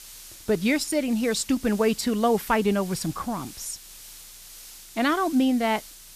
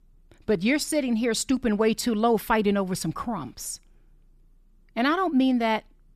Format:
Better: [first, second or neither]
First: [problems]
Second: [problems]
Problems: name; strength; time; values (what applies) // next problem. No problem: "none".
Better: second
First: hiss; noticeable; throughout; 15 dB below the speech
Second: none